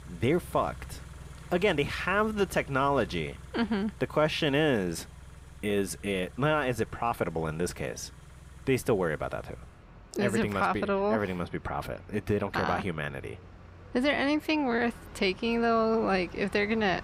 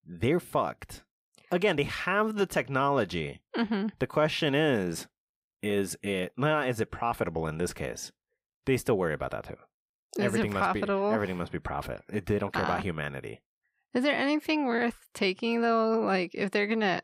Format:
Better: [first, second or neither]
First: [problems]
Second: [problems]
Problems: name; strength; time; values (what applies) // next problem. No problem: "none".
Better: second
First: traffic noise; noticeable; throughout; 20 dB below the speech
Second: none